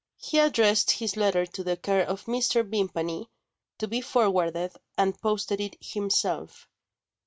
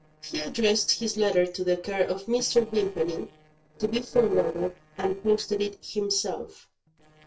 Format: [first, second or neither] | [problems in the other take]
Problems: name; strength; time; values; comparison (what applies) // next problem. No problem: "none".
first | noise reduction (neural separator model SepFormer DNS4)